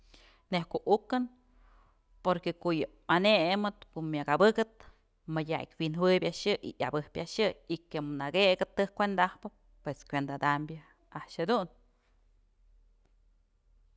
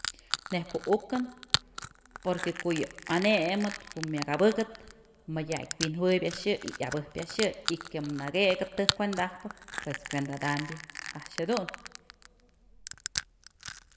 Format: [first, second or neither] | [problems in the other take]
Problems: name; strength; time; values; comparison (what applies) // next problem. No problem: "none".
first | background sound (Crushing); 7 dB below the speech // room echo; dies away in 0.9 s